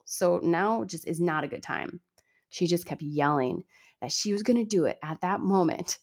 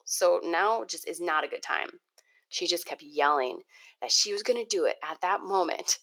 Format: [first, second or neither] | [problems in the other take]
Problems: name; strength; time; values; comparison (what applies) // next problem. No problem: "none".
first | thin; very; fading below 450 Hz